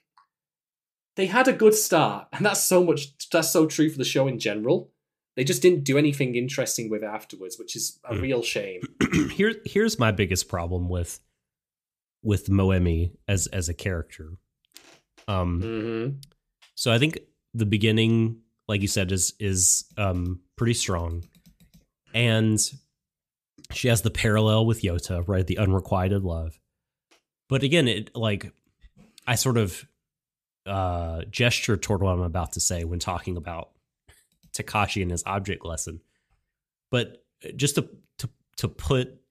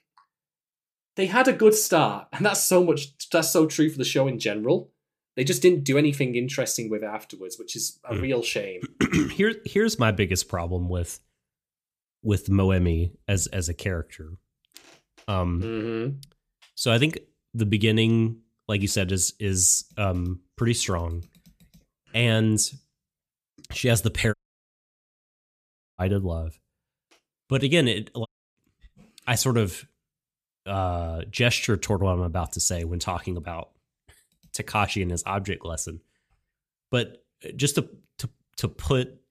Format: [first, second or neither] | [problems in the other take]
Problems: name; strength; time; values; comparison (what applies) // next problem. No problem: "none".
first | audio cutting out; at 24 s for 1.5 s and at 28 s